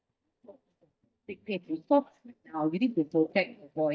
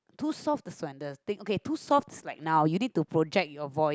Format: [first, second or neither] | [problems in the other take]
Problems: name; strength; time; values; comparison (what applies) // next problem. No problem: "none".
second | noise reduction (neural mask model DeepFilterNet 3)